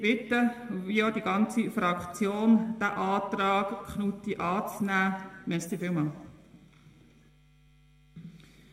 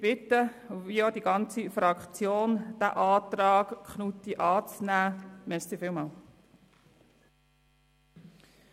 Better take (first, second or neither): second